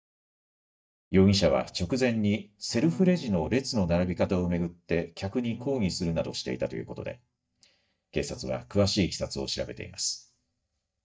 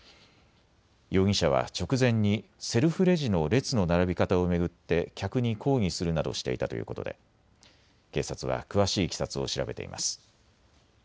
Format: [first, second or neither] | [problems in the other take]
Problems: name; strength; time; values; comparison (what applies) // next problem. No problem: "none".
second | noise reduction (neural mask model DeepFilterNet 3)